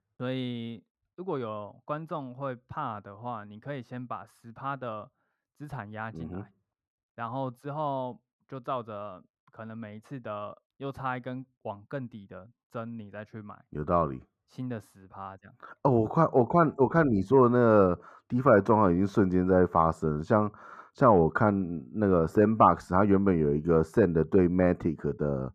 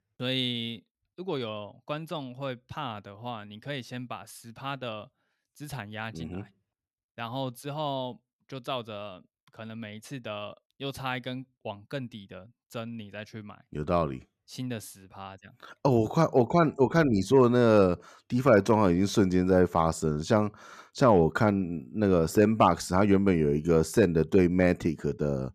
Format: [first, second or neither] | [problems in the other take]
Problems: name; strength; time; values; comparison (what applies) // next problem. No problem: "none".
second | muffled; very; fading above 2 kHz